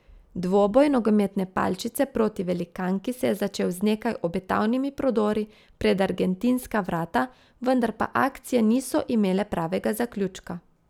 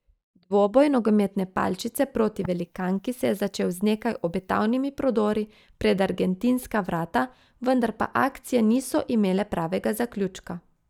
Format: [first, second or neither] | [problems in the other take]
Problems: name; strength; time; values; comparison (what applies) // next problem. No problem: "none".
first | noise reduction (neural mask model DeepFilterNet 3)